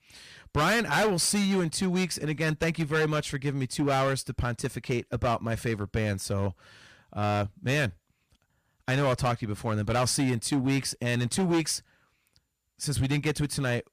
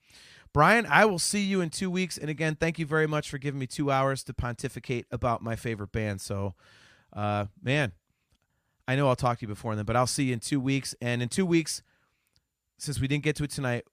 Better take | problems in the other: second | distortion; heavy; 10% of the sound clipped

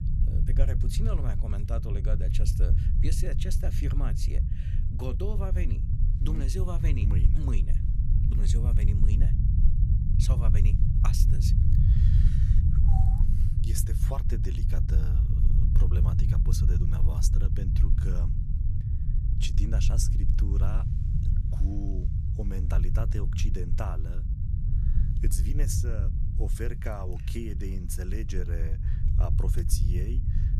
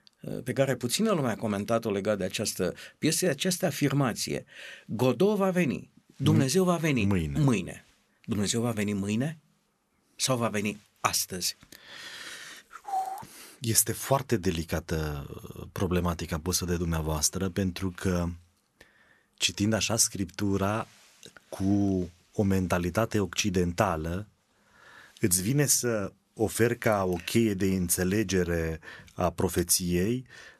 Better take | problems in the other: second | low rumble; loud; throughout; 2 dB below the speech

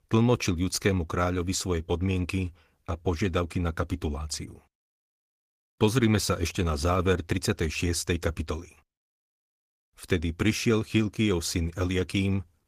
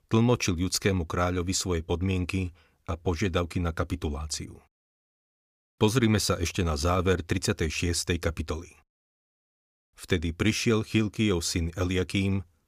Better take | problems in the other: second | garbled, watery; slightly; nothing above 15 kHz

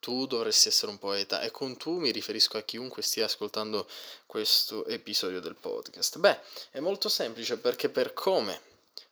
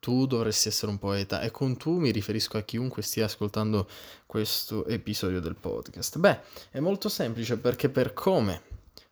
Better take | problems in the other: second | thin; somewhat; fading below 400 Hz

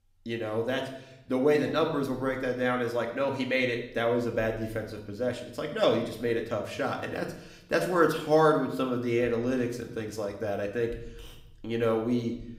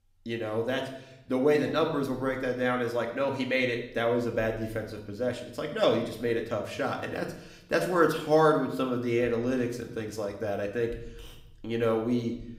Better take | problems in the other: neither | room echo; slight; dies away in 0.6 s; the same in both // off-mic speech; somewhat distant; the same in both

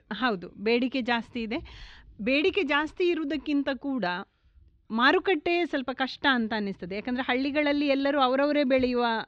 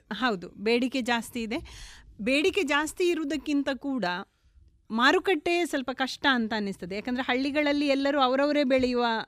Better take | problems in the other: second | muffled; very slightly; fading above 4 kHz

